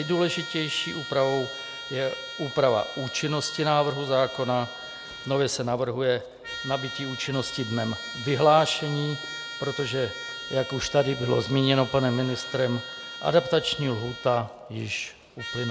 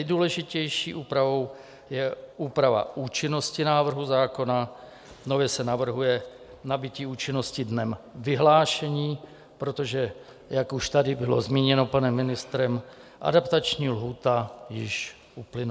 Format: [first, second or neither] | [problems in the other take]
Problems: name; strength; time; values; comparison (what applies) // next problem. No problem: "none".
second | background sound (Trumpet); 11 dB below the speech